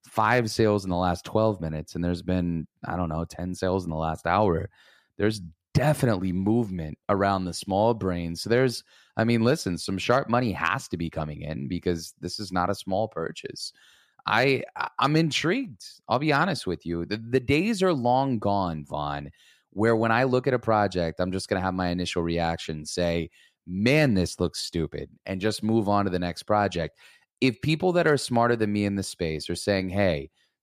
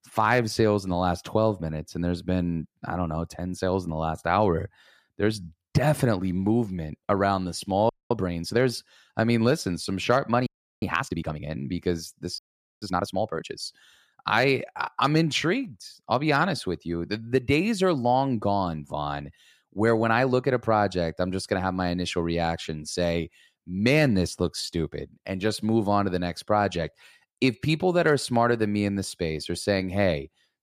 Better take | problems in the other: first | audio freezing; at 8 s, at 10 s and at 12 s

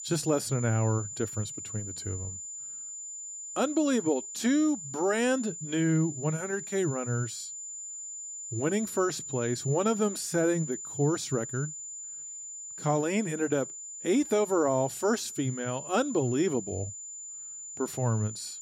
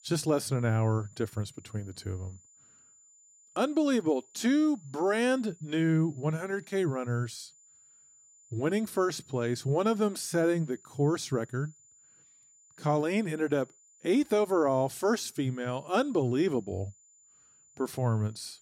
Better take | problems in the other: second | high-pitched whine; loud; throughout; 7 kHz, 8 dB below the speech; faint in the second

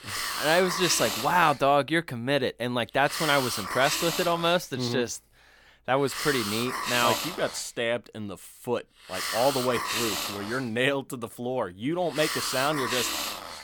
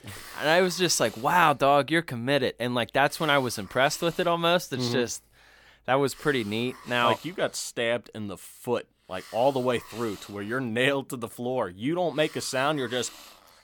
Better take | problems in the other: second | hiss; loud; throughout; 3 dB below the speech; faint in the second

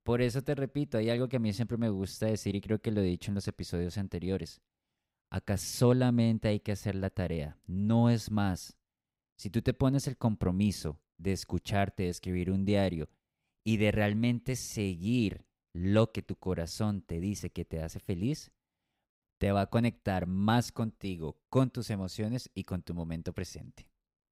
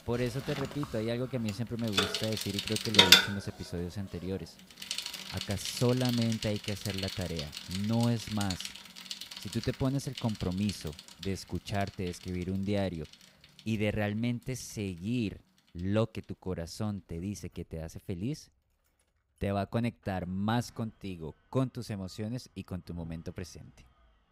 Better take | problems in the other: first | traffic noise; very loud; throughout; 5 dB above the speech

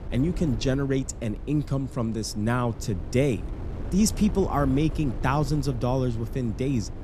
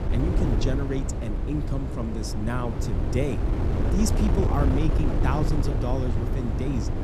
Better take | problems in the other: first | wind noise on the microphone; heavy; 1 dB below the speech; occasional gusts in the first

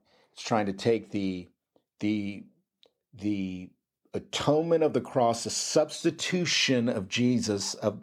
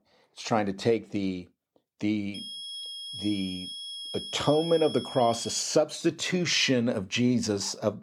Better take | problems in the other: first | high-pitched whine; loud; from 2.5 to 5.5 s; 3.5 kHz, 9 dB below the speech

